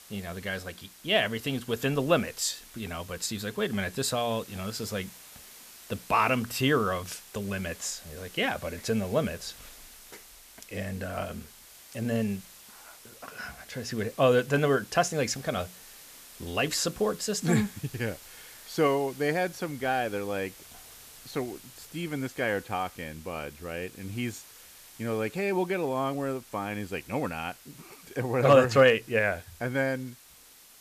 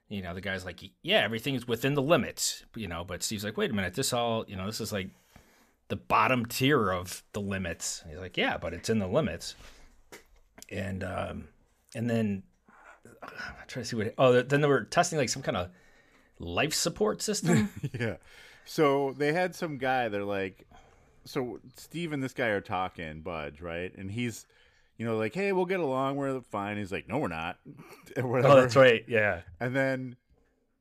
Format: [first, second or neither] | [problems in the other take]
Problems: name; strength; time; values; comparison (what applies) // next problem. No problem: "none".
second | hiss; noticeable; throughout; 20 dB below the speech